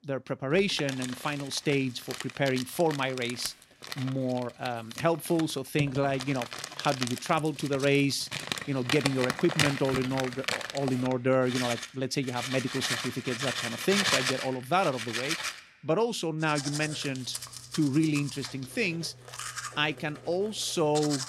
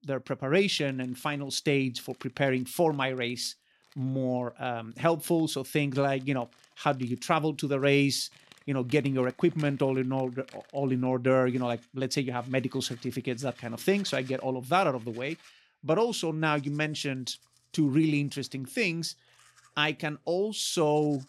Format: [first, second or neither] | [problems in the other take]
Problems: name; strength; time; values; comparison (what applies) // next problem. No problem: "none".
second | household noises; loud; throughout; 5 dB below the speech; faint in the second